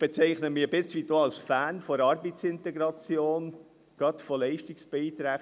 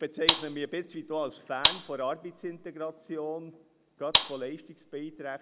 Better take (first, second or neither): first